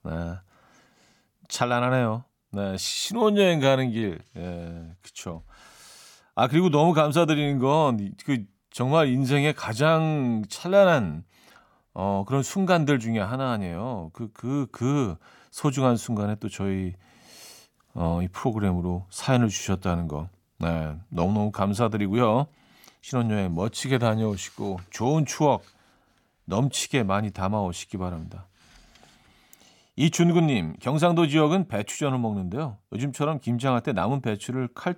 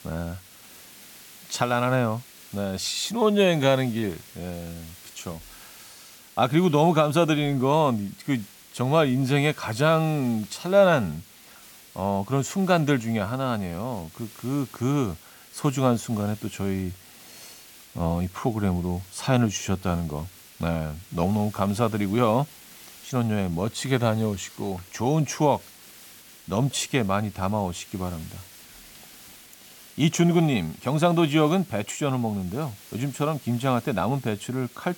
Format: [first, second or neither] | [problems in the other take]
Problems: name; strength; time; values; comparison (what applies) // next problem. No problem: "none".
first | hiss; faint; throughout; 20 dB below the speech